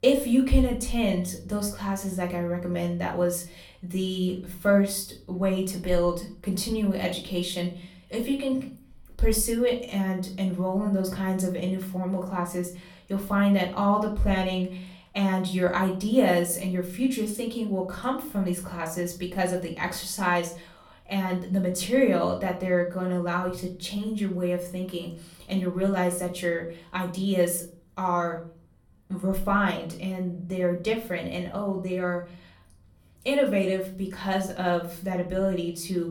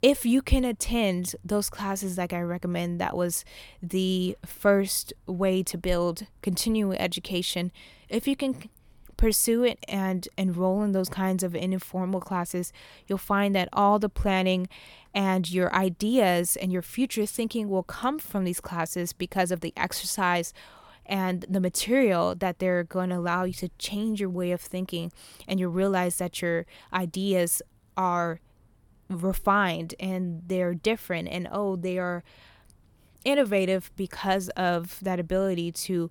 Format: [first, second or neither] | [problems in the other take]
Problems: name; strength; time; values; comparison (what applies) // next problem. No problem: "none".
second | room echo; slight; dies away in 0.4 s // off-mic speech; somewhat distant